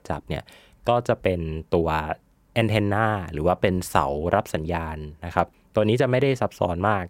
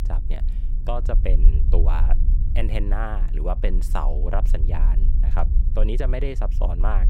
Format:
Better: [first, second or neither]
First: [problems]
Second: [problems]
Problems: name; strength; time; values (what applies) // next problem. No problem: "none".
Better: first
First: none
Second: low rumble; noticeable; throughout; 10 dB below the speech